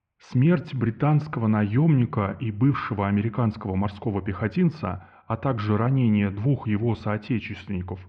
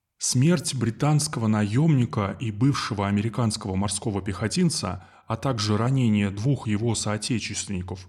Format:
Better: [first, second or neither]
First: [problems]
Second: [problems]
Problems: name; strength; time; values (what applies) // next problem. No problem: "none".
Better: second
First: muffled; very; fading above 2.5 kHz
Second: none